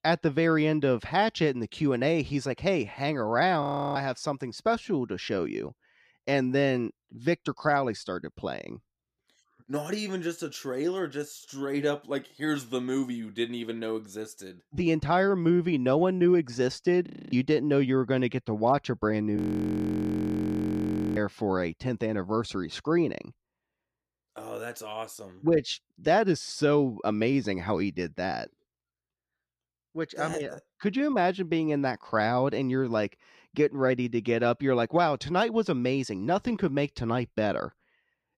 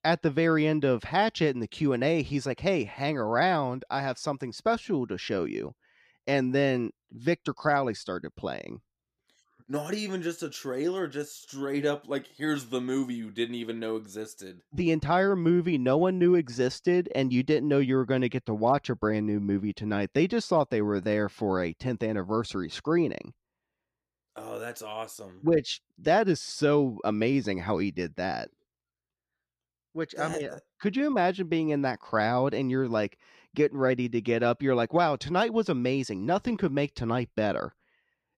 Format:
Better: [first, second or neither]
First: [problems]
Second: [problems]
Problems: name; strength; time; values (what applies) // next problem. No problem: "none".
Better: second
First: audio freezing; at 3.5 s, at 17 s and at 19 s for 2 s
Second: none